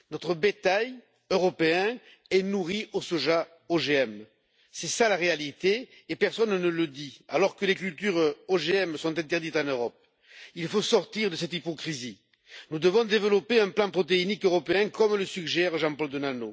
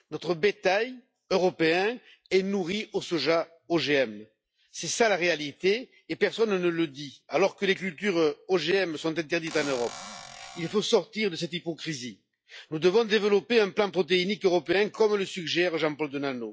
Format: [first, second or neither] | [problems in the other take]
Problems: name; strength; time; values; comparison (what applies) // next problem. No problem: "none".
first | noise reduction (classical method log-MMSE)